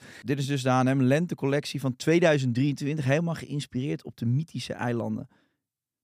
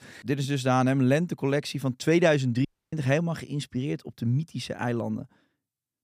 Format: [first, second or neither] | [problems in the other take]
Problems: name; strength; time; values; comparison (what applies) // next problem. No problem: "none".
first | audio cutting out; at 2.5 s